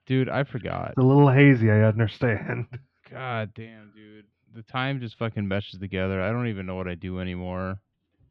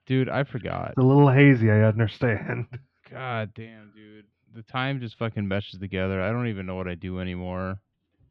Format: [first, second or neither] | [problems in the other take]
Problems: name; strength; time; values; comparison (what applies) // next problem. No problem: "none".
neither | muffled; slightly; fading above 3.5 kHz; the same in both